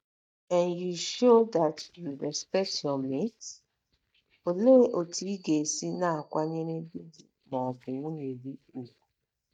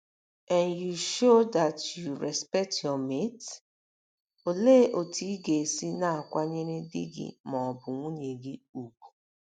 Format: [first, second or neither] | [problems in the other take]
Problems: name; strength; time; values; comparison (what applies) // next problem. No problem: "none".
second | noise reduction (neural mask model DeepFilterNet 3)